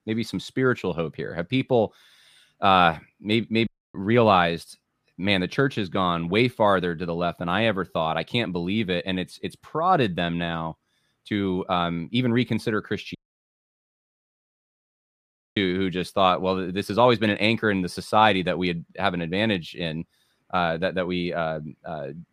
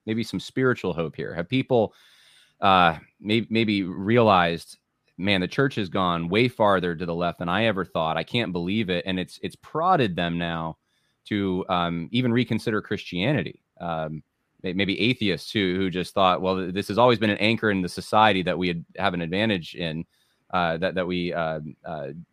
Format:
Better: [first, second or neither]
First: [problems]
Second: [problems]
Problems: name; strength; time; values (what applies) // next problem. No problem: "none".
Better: second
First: audio cutting out; at 3.5 s and at 13 s for 2.5 s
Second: none